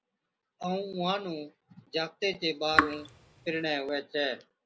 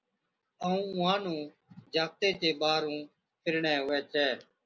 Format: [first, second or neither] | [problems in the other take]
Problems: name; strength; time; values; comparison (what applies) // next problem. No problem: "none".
second | background sound (Raindrop / Drip); 3 dB above the speech